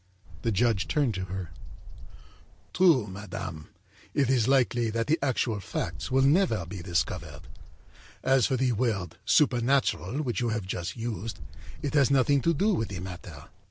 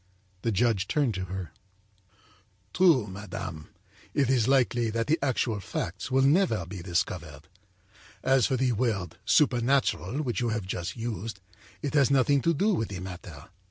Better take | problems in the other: second | background sound (Bird); 12 dB below the speech

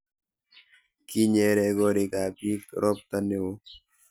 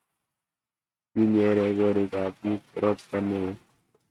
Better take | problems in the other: first | noise reduction (neural mask model RNNoise)

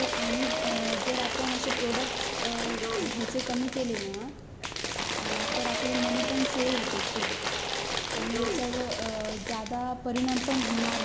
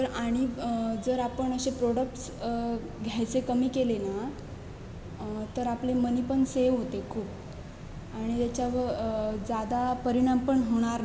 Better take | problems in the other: second | background sound (Applause / Crowd / Cheering); 1 dB above the speech

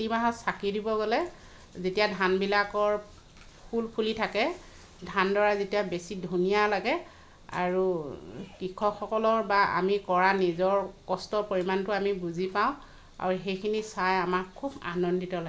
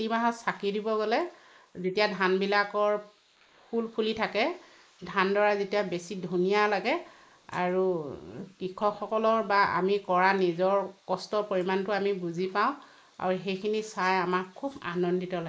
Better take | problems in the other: first | noise reduction (neural mask model Resemble Enhance denoiser)

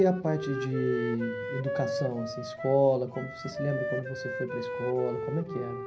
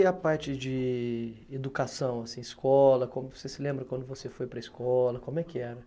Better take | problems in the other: second | background sound (Wind instrument, woodwind instrument); 5 dB below the speech // room echo; dies away in 0.5 s

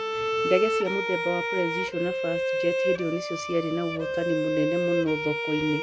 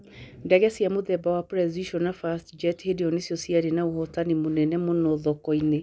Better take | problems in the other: second | background sound (Bowed string instrument); as loud as the speech

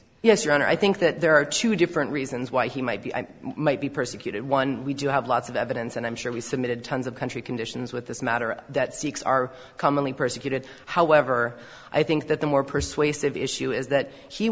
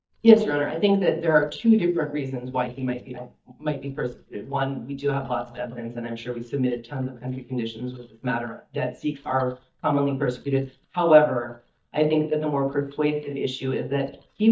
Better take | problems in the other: first | noise reduction (neural mask model DeepFilterNet 3)

